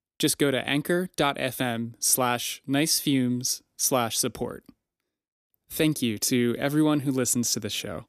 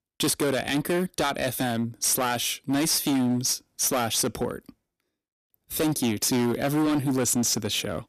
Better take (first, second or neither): first